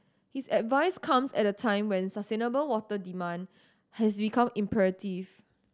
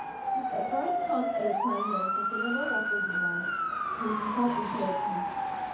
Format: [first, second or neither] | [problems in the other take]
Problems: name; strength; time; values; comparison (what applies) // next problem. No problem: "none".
first | background sound (Motor vehicle (road) / Siren); 4 dB above the speech // room echo; dies away in 0.6 s